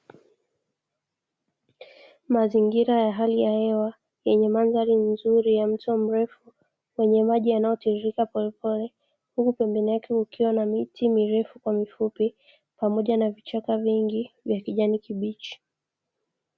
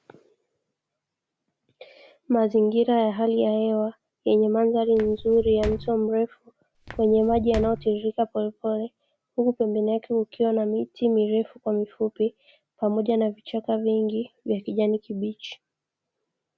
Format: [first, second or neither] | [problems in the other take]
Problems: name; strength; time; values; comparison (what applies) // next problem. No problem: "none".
first | background sound (Walk, footsteps); 12 dB below the speech